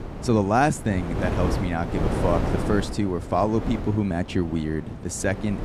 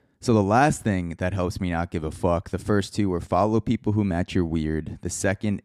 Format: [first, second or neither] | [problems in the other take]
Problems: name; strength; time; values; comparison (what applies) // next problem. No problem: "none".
second | wind noise on the microphone; heavy; 7 dB below the speech